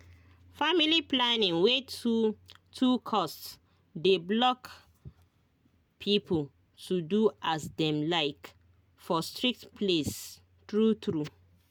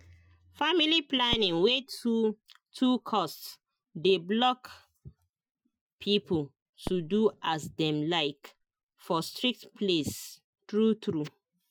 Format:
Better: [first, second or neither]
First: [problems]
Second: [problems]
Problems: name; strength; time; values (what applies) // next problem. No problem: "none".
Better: first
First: none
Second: noise reduction (classical method Wiener filter)